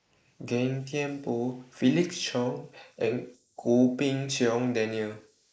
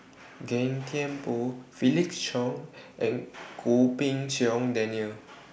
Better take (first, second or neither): second